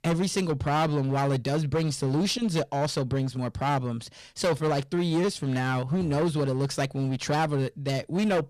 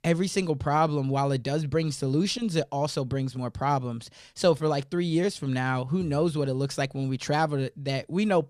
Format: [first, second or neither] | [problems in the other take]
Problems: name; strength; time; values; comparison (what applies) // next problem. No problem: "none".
second | distortion; slight; 15% of the sound clipped